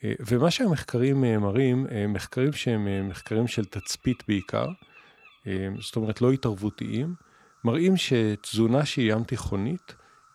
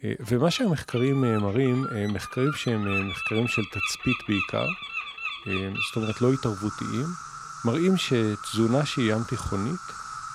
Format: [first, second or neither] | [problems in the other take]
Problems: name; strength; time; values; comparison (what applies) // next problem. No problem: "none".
first | animal sounds; loud; throughout; 6 dB below the speech; faint in the first